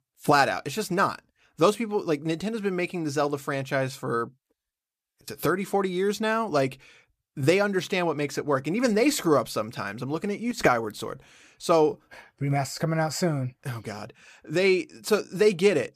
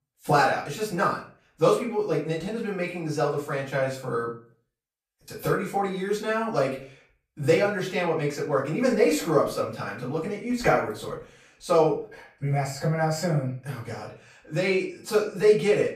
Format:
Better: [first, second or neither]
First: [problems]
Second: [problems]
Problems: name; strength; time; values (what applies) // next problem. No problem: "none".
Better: first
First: none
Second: room echo; slight; dies away in 0.4 s // off-mic speech; far